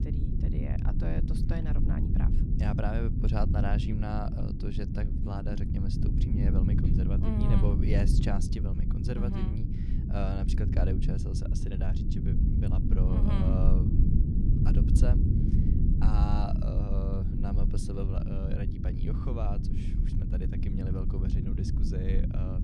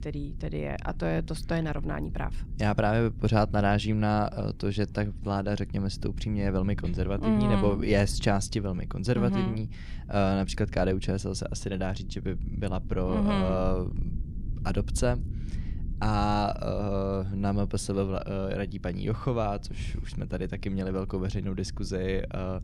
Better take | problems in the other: second | low rumble; loud; throughout; 1 dB below the speech; faint in the second

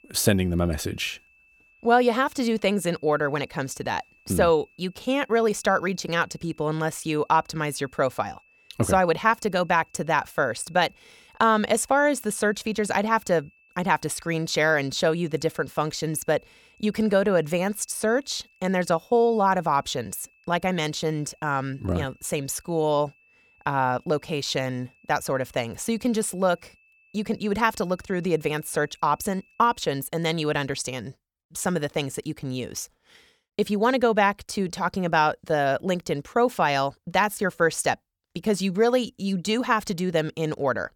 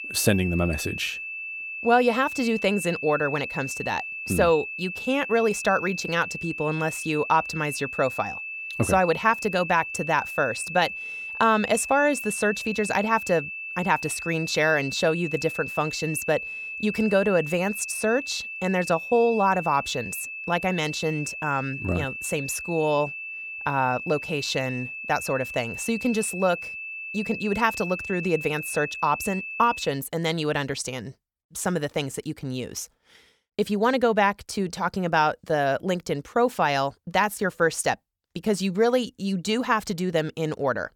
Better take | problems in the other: first | high-pitched whine; loud; until 30 s; 2.5 kHz, 7 dB below the speech; faint in the first

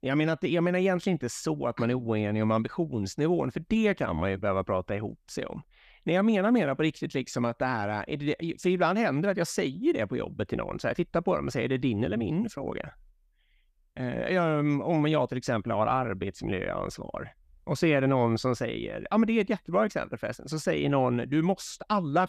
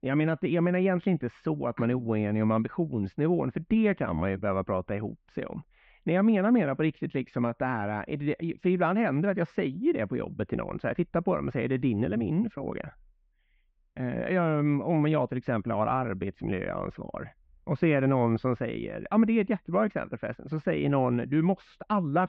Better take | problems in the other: first | muffled; very; fading above 2.5 kHz

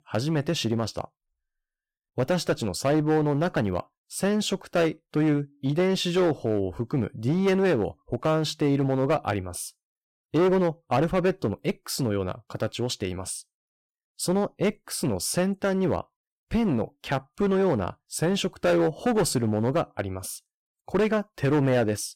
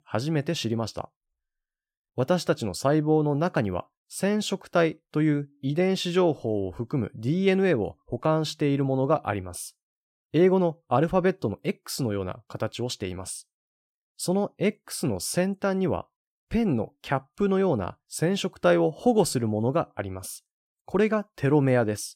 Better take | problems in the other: second | distortion; slight; 8% of the sound clipped

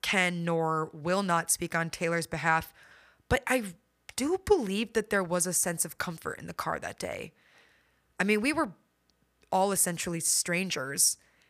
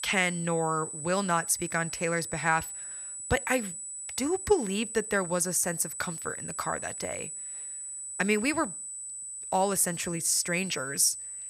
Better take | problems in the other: first | high-pitched whine; loud; throughout; 8 kHz, 8 dB below the speech

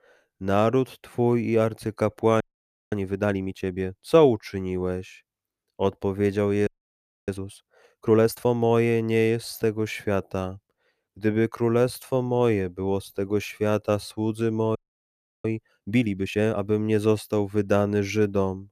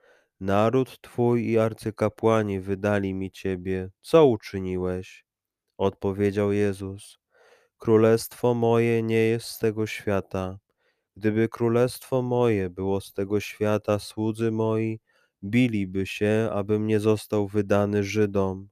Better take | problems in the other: second | audio freezing; at 2.5 s for 0.5 s, at 6.5 s for 0.5 s and at 15 s for 0.5 s

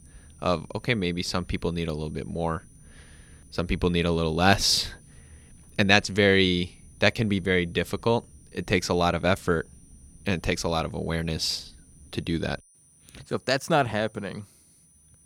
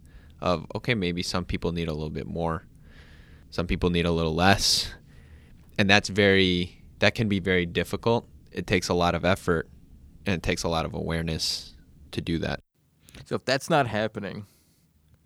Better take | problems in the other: second | high-pitched whine; faint; throughout; 9.5 kHz, 30 dB below the speech

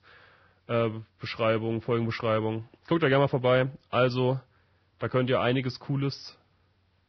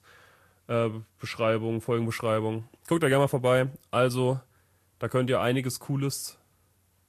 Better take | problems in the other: second | garbled, watery; badly; nothing above 5.5 kHz; slightly in the second

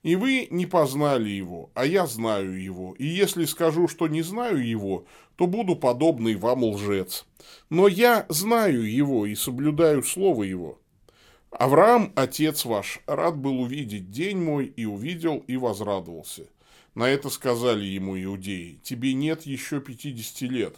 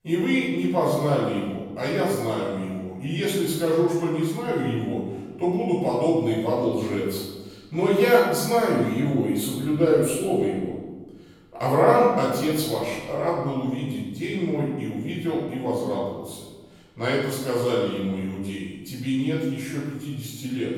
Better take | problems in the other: first | off-mic speech; far // room echo; noticeable; dies away in 1.1 s

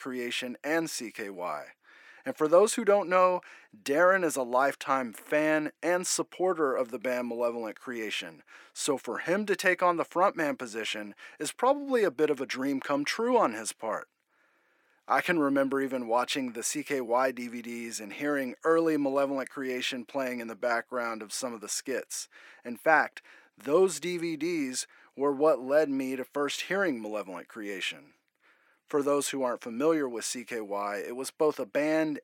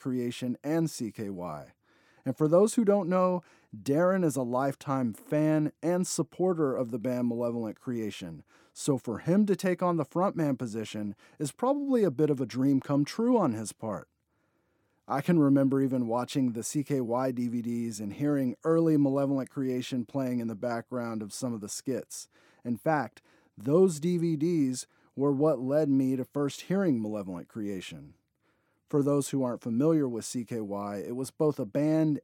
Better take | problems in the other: second | thin; somewhat; fading below 450 Hz

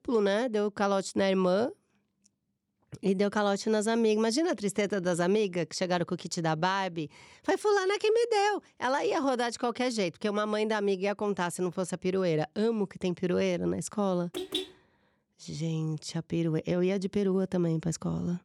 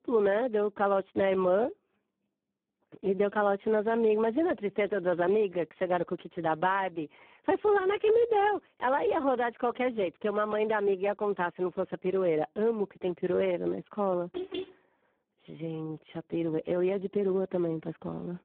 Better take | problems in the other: first | phone-call audio; poor line

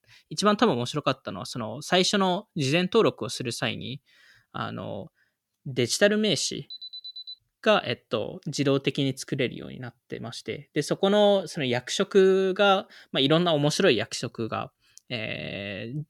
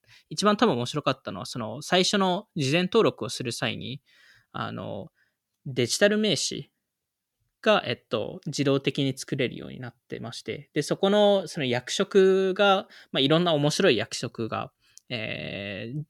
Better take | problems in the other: second | alarm; faint; at 6.5 s; peak 10 dB below the speech

